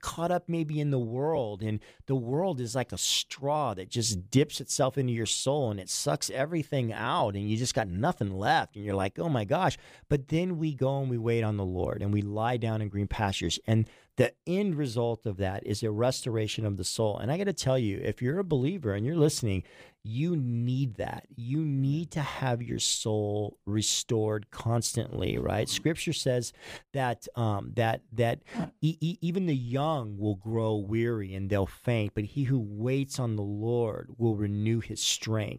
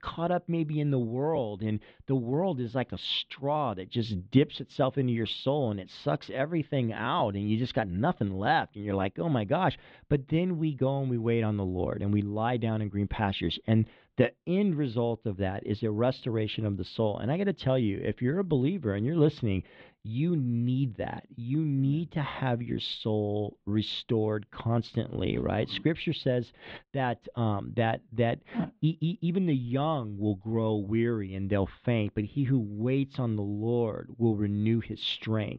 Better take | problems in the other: first | muffled; very; fading above 3.5 kHz

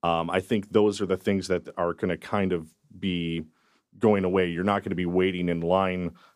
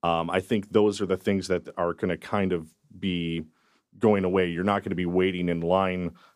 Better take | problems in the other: neither | none

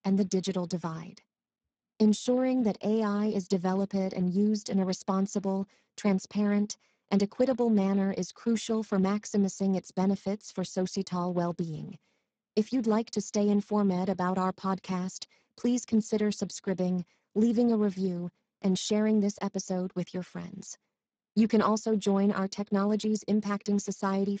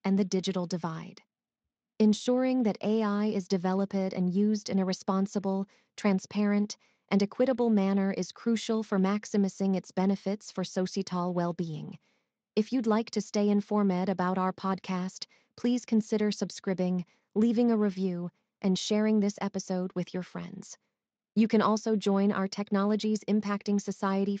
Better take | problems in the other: second | garbled, watery; badly; nothing above 7.5 kHz; slightly in the second

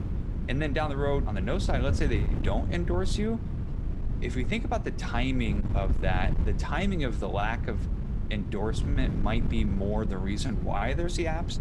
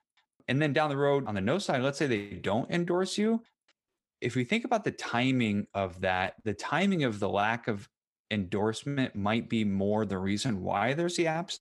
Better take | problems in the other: second | wind noise on the microphone; occasional gusts; 10 dB below the speech

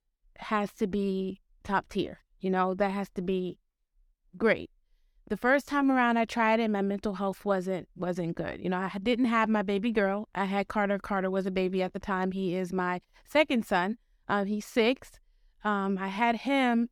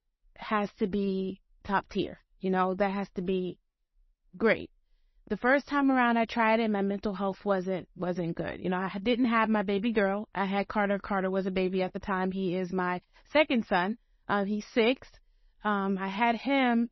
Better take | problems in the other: first | garbled, watery; slightly; nothing above 6 kHz

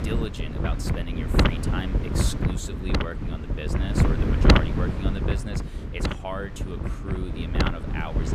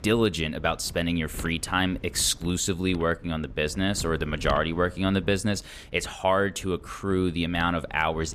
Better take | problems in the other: second | wind noise on the microphone; heavy; 5 dB above the speech; occasional gusts in the second

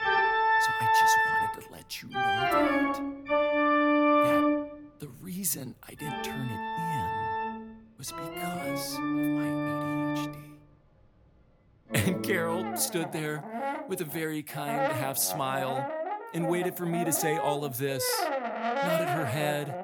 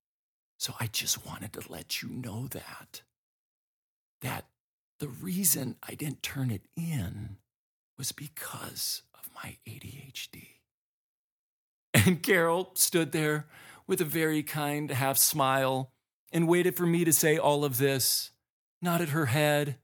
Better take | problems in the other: second | background music; very loud; throughout; 4 dB above the speech

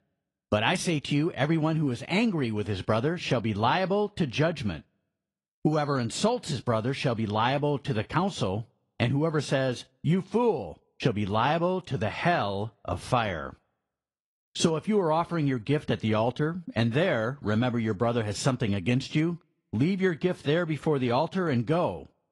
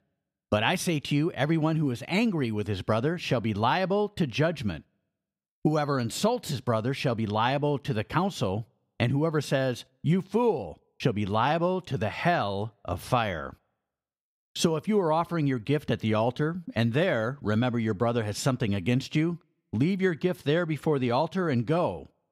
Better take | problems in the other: second | garbled, watery; slightly; nothing above 10.5 kHz

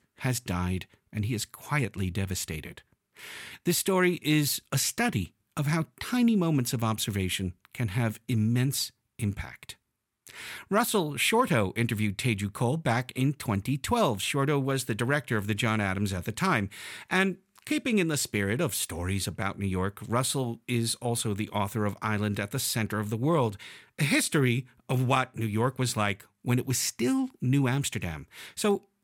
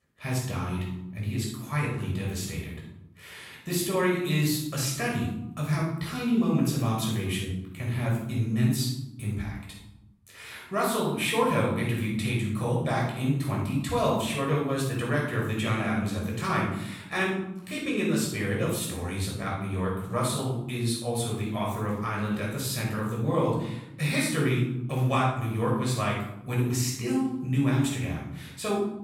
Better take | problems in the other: first | off-mic speech; far // room echo; noticeable; dies away in 0.8 s

